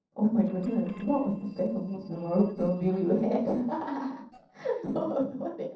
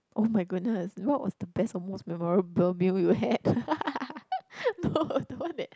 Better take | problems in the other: second | noise reduction (neural separator model SepFormer DNS4)

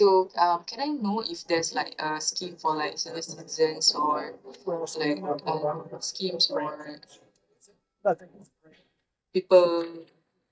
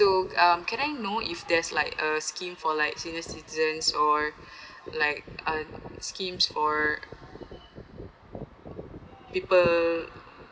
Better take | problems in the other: second | noise reduction (neural mask model DeepFilterNet 3)

